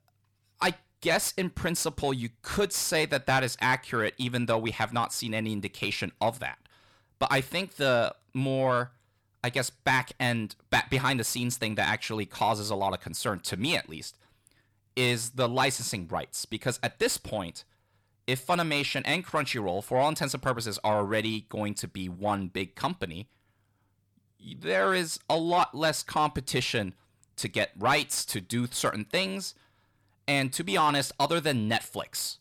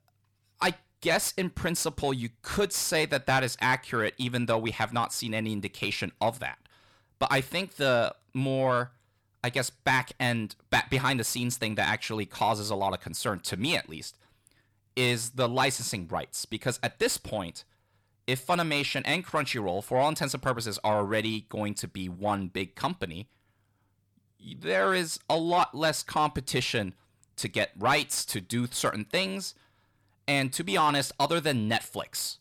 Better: neither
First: distortion; slight; 10 dB below the speech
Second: distortion; slight; 10 dB below the speech

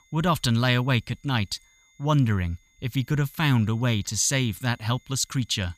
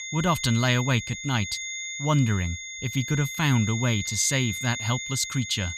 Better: first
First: high-pitched whine; faint; throughout; 2 kHz, 35 dB below the speech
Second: high-pitched whine; loud; throughout; 2 kHz, 6 dB below the speech

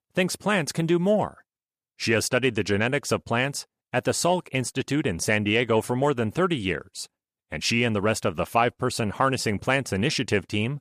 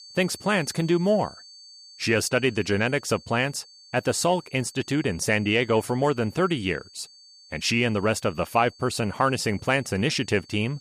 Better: first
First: none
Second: high-pitched whine; faint; throughout; 4.5 kHz, 25 dB below the speech

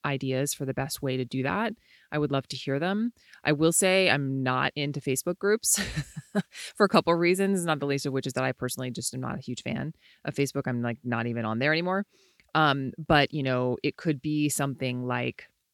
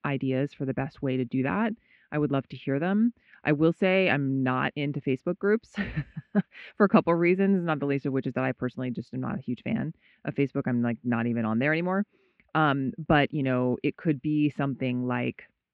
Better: first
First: none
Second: muffled; very; fading above 2.5 kHz

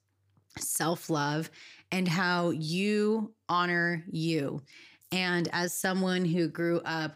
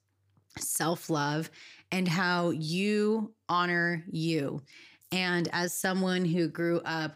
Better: neither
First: none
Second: none

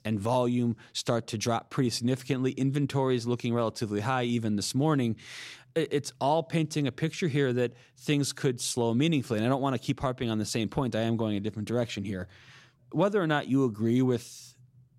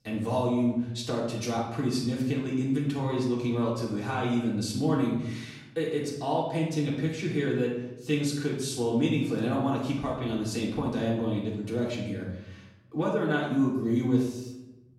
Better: first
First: none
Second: room echo; noticeable; dies away in 0.8 s // off-mic speech; far

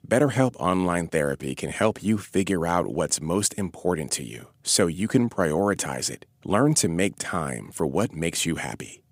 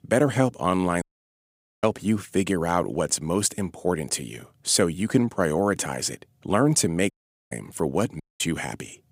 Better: first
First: none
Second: audio cutting out; at 1 s for 1 s, at 7 s and at 8 s

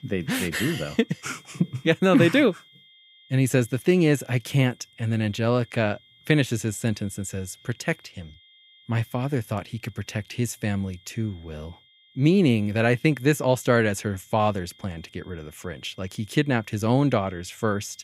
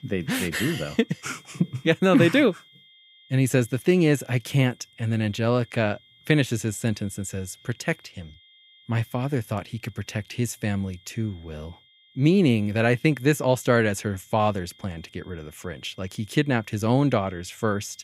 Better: neither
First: high-pitched whine; faint; throughout; 3 kHz, 30 dB below the speech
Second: high-pitched whine; faint; throughout; 3 kHz, 30 dB below the speech

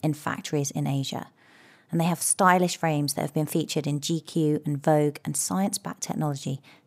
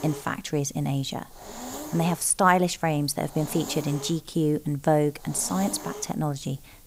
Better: first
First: none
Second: hiss; noticeable; throughout; 15 dB below the speech

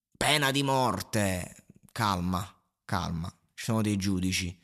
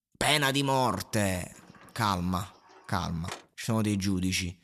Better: first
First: none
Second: door banging; faint; from 1.5 to 3.5 s; peak 15 dB below the speech

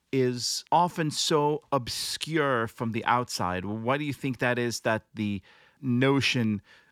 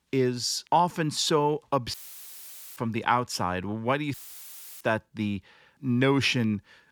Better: first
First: none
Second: audio cutting out; filled with static; at 2 s for 1 s and at 4 s for 0.5 s

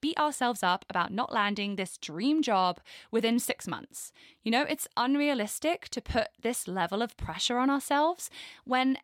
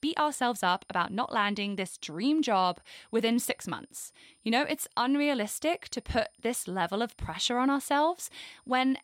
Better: first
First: none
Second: high-pitched whine; faint; throughout; 9 kHz, 35 dB below the speech

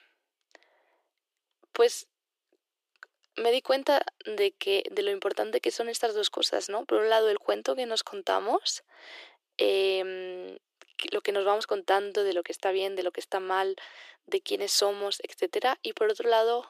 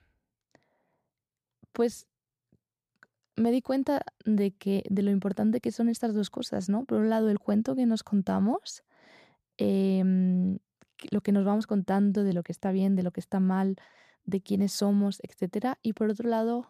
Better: second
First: thin; very; fading below 350 Hz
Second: none

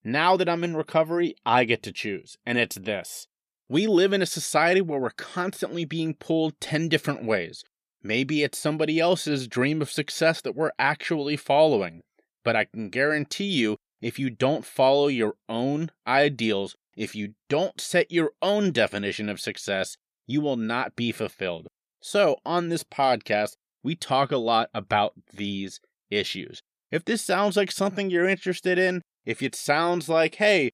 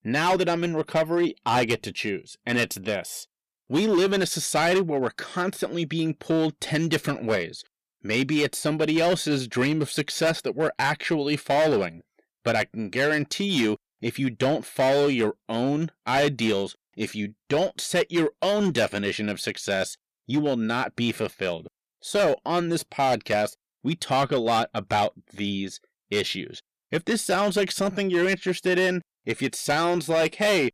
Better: first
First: none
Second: distortion; slight; 8% of the sound clipped

